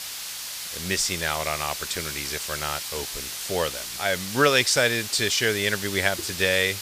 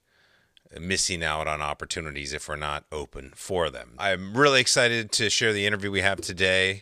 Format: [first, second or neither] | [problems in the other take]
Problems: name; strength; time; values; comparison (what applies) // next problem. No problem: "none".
second | hiss; loud; throughout; 7 dB below the speech